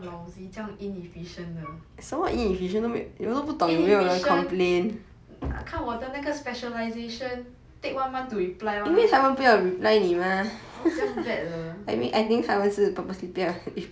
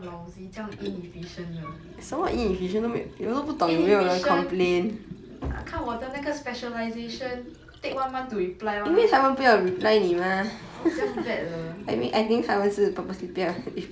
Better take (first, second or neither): first